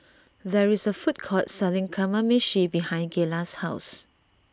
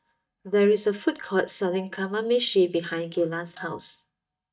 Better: first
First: none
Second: noise reduction (neural mask model DeepFilterNet 3)

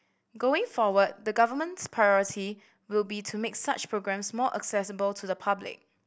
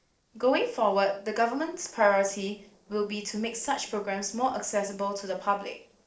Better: first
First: none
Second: noise reduction (neural separator model SepFormer DNS4)

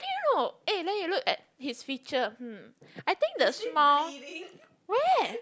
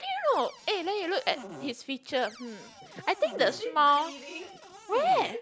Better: first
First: none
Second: background sound (Cupboard open or close); 17 dB below the speech

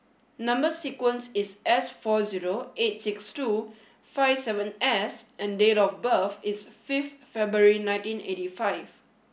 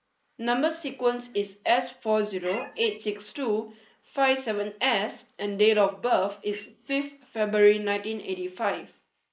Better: first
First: none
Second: noise reduction (neural mask model Resemble Enhance denoiser)

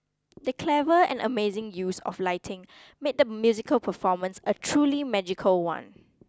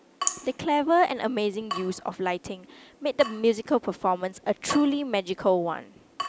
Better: first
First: none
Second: background sound (Drip / Water tap, faucet); 12 dB below the speech

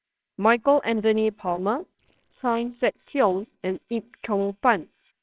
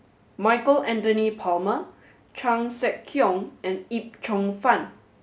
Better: second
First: noise reduction (neural separator model SepFormer WHAMR!)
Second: none

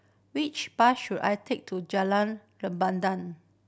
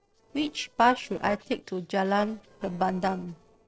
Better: first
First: none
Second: noise reduction (neural separator model SepFormer DNS4)

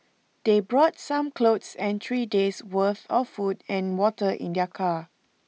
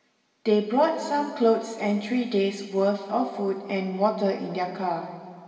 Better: first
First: none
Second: room echo; dies away in 2.2 s

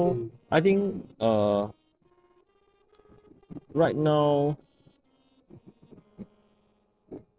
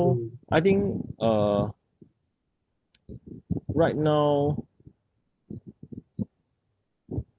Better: second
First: noise reduction (neural separator model SepFormer DNS4)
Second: none

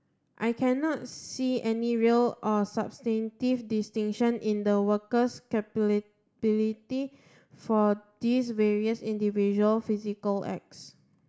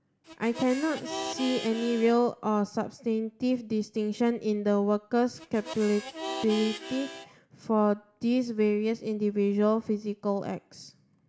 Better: first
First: none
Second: background sound (Harmonica); 10 dB below the speech

